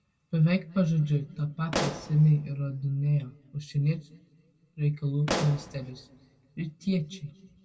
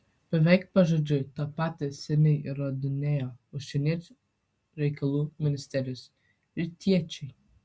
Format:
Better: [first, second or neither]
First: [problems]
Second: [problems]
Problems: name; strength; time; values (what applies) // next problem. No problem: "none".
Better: second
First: background sound (Explosion); 7 dB below the speech // room echo; dies away in 1.7 s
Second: none